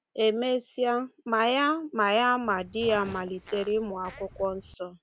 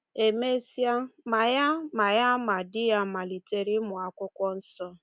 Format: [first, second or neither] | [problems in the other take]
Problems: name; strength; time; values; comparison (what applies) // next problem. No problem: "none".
second | background sound (Fart); 18 dB below the speech